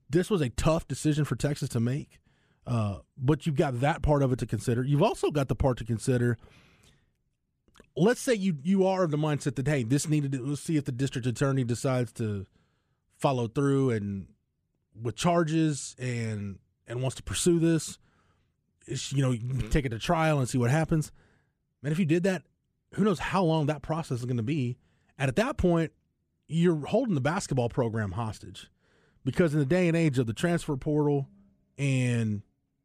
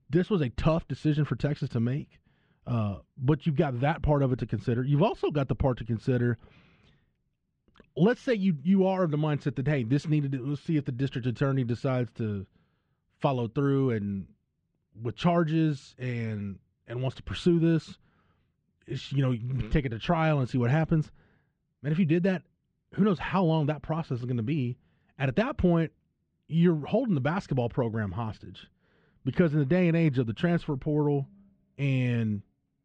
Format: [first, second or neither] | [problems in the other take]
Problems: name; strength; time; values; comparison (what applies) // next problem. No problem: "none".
first | muffled; slightly; fading above 4 kHz